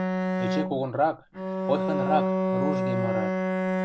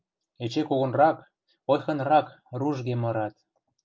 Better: second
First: background sound (Bowed string instrument); 3 dB above the speech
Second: none

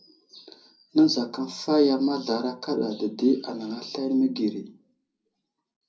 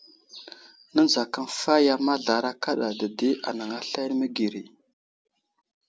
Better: second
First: room echo; dies away in 0.4 s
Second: none

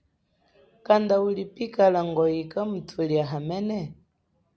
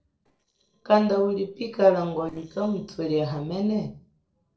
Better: first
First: none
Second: noise reduction (neural separator model SepFormer DNS4)

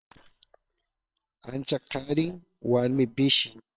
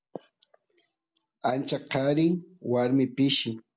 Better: second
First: noise reduction (neural separator model SepFormer WHAM!)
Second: none

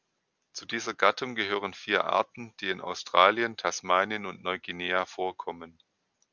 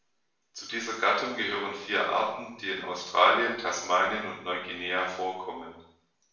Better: first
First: none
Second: room echo; dies away in 0.7 s

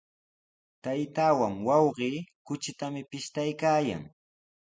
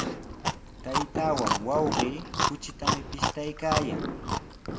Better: first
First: none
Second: background sound (Chewing, mastication + Fireworks); 2 dB above the speech

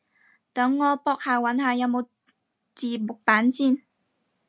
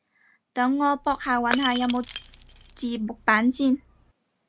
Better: first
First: none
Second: background sound (Shatter / Crushing); 12 dB below the speech

